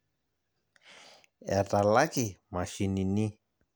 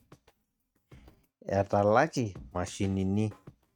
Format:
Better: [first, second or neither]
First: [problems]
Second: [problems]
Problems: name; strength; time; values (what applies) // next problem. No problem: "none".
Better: first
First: none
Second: noise reduction (neural mask model RNNoise)